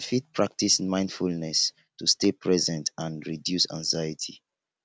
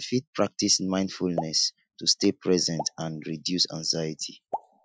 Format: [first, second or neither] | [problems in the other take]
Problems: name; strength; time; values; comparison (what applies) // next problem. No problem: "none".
first | noise reduction (classical method Wiener filter)